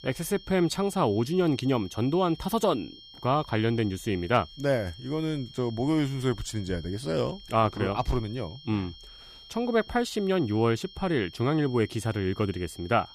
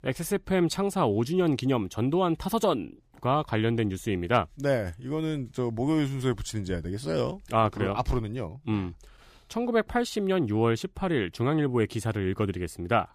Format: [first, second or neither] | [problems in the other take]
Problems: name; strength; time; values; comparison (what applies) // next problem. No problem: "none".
second | high-pitched whine; noticeable; throughout; 3 kHz, 20 dB below the speech